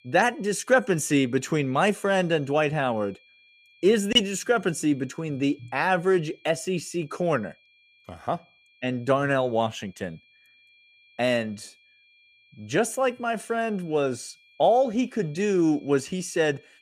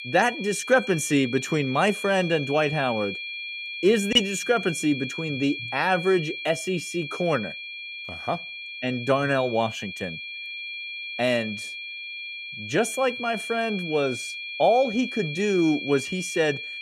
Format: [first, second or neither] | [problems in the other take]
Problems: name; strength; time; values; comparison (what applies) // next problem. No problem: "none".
first | high-pitched whine; loud; throughout; 2.5 kHz, 8 dB below the speech; faint in the first